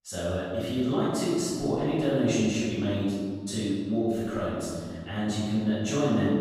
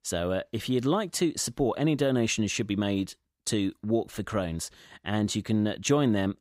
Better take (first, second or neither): second